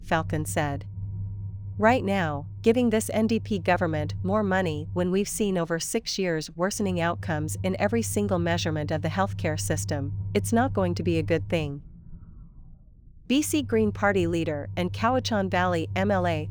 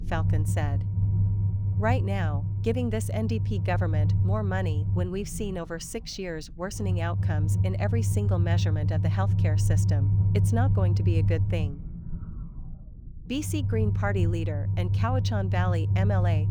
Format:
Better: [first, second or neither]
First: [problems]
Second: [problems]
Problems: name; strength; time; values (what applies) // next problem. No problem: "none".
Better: first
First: low rumble; faint; throughout; 25 dB below the speech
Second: low rumble; loud; throughout; 7 dB below the speech